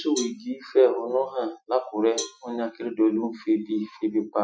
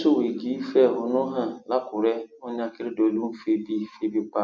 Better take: second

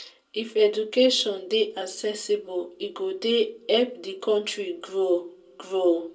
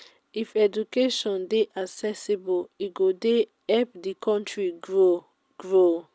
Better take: second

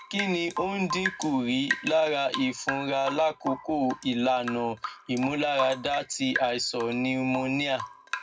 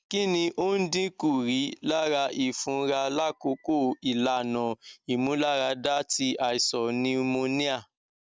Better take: second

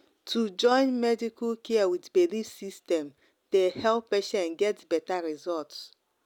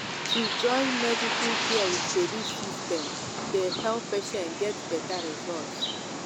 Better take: first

